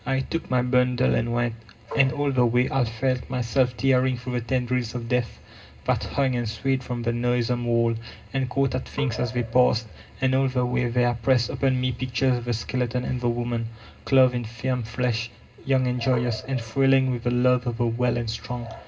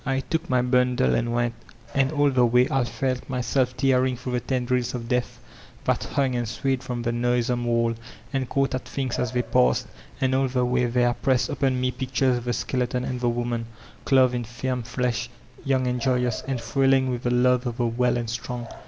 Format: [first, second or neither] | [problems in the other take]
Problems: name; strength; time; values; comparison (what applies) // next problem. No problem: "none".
second | background sound (Marimba, xylophone); 16 dB below the speech // room echo; dies away in 0.2 s